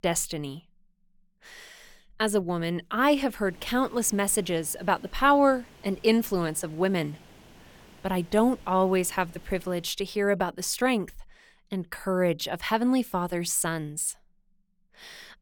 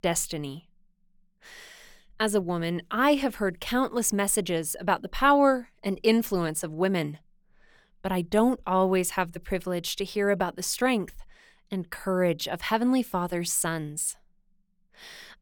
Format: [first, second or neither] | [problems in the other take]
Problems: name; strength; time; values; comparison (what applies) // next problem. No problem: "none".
second | hiss; faint; from 3.5 to 10 s; 25 dB below the speech